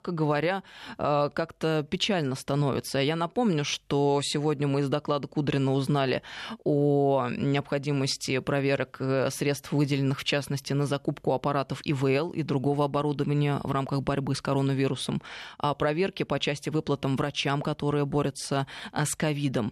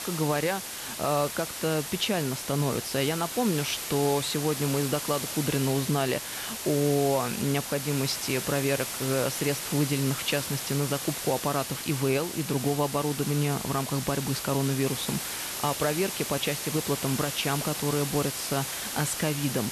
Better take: first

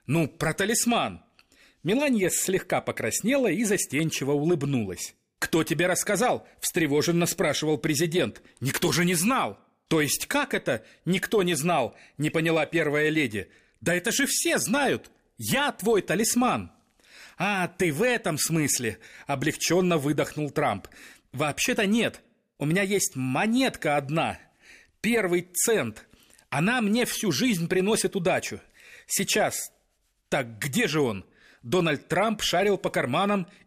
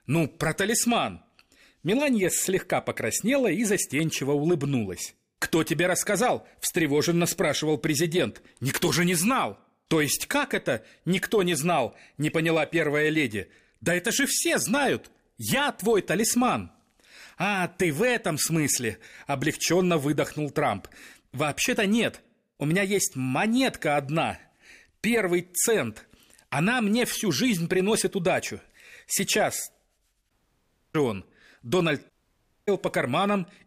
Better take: first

